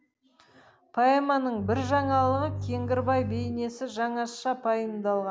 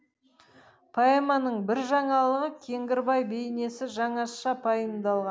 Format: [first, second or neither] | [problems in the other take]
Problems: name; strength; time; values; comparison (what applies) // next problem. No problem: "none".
second | background sound (Bowed string instrument); 7 dB below the speech